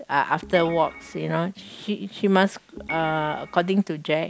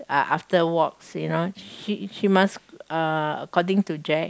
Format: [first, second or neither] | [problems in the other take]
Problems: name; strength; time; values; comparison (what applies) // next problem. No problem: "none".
second | background sound (Organ); 14 dB below the speech